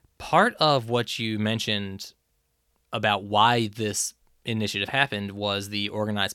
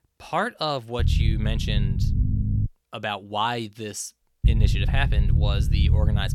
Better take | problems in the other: first | low rumble; loud; from 1 to 2.5 s and from 4.5 s on; 9 dB below the speech

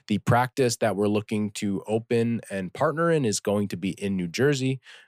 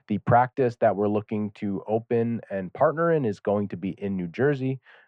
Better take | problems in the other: first | muffled; very; fading above 1.5 kHz

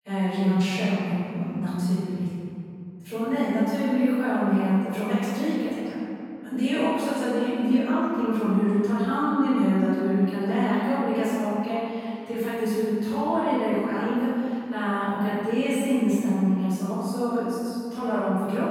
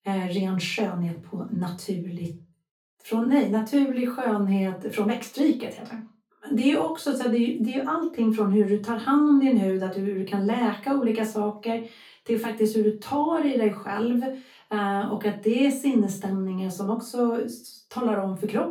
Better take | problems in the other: second | room echo; strong; dies away in 2.5 s; slight in the second // off-mic speech; far; far in the second

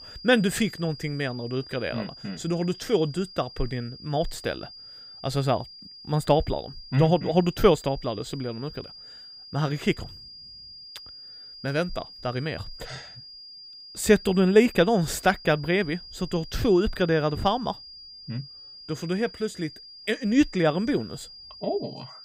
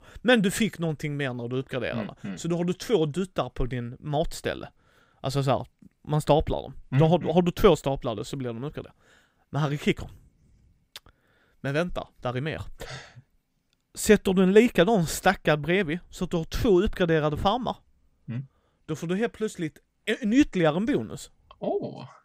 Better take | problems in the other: second | high-pitched whine; noticeable; throughout; 5 kHz, 15 dB below the speech

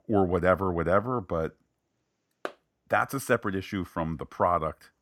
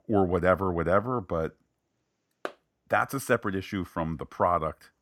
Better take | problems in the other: neither | none

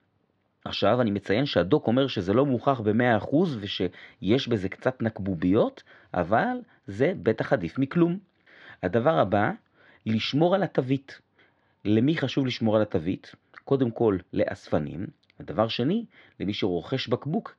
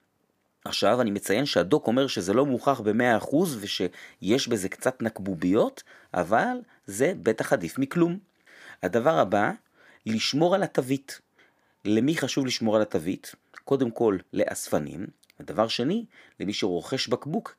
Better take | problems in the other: second | muffled; slightly; fading above 4 kHz

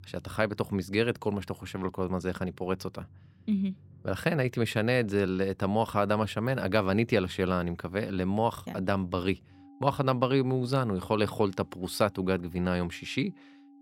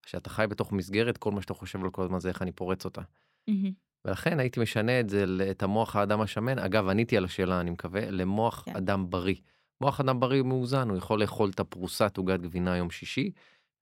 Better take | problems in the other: second | background music; faint; throughout; 25 dB below the speech

